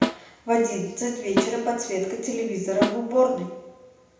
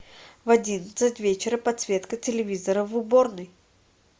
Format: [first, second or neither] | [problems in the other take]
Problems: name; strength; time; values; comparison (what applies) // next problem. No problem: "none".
second | background sound (Snare drum); 5 dB below the speech // room echo; dies away in 0.8 s